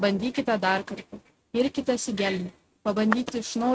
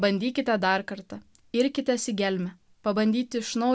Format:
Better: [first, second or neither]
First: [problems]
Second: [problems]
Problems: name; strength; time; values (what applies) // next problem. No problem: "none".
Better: second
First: noise reduction (neural mask model RNNoise)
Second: none